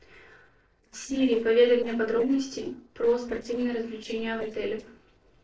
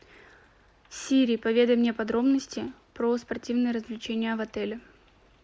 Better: second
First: noise reduction (neural separator model SepFormer DNS4)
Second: none

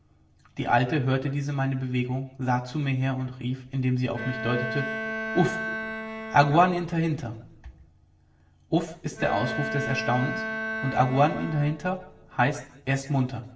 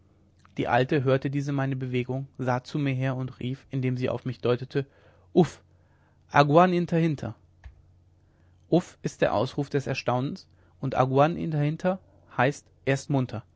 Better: second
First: background sound (Bowed string instrument); 7 dB below the speech // room echo; dies away in 0.8 s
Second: none

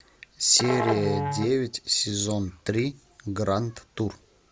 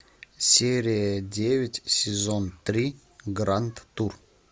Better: second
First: background sound (Musical instrument); 6 dB below the speech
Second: none

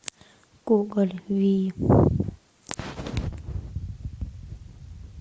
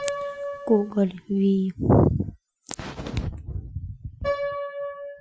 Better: first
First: none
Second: noise reduction (classical method Wiener filter)

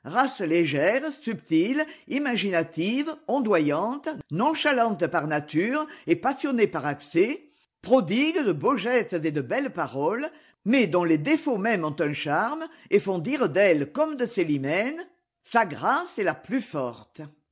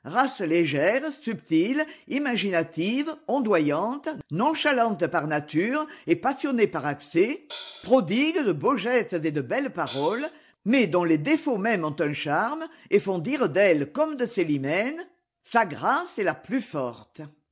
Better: first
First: none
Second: background sound (Hi-hat); 18 dB below the speech

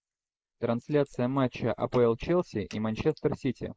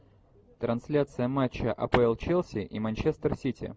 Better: second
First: noise reduction (neural mask model Resemble Enhance denoiser)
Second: none

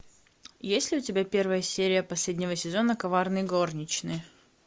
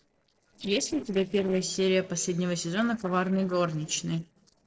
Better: first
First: none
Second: noise reduction (neural separator model SepFormer DNS4)

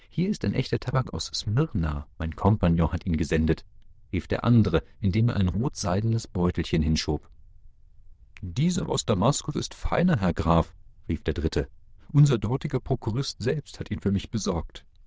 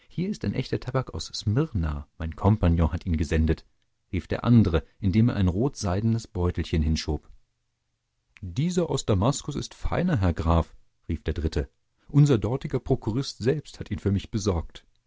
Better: second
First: noise reduction (neural diffusion model UNIVERSE++)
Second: none

